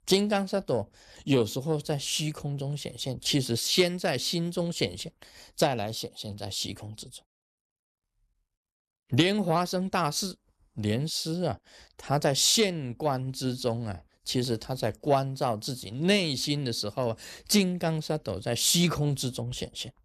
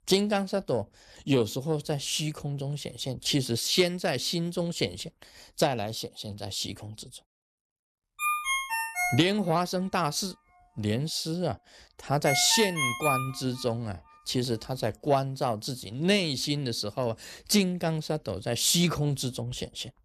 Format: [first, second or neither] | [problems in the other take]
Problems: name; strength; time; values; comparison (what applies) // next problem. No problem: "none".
first | phone ringing; loud; from 8 to 13 s; peak 2 dB above the speech